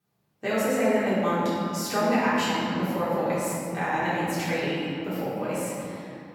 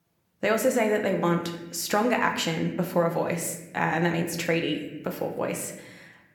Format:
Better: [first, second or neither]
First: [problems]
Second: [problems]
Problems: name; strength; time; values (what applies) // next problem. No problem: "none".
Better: second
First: room echo; strong; dies away in 2.9 s // off-mic speech; far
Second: room echo; slight; dies away in 0.8 s